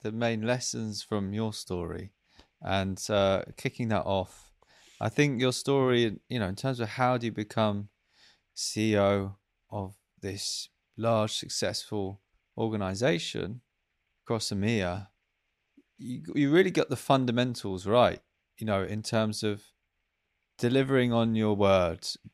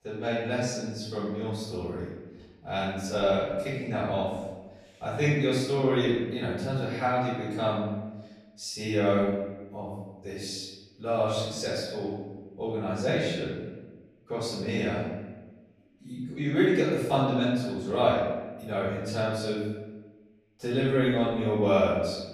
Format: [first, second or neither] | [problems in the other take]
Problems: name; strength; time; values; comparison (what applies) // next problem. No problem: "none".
first | off-mic speech; far // room echo; strong; dies away in 1.1 s